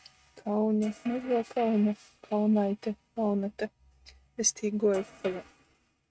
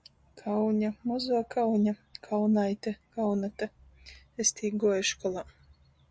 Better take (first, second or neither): second